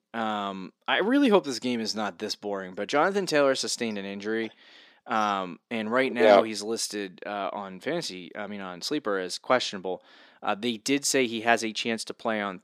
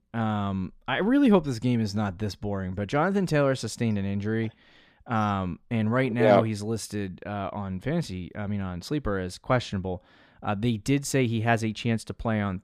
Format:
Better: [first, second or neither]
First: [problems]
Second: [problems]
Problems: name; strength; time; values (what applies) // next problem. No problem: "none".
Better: second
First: thin; very slightly; fading below 300 Hz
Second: none